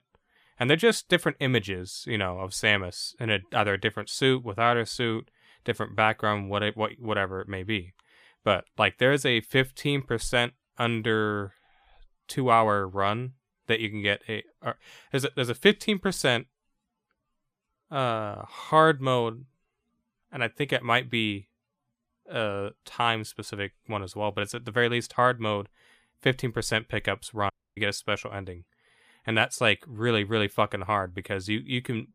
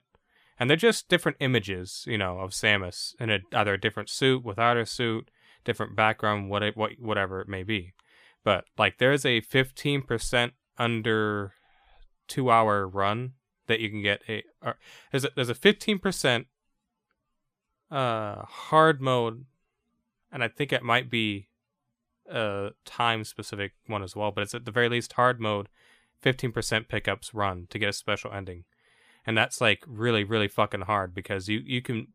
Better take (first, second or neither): second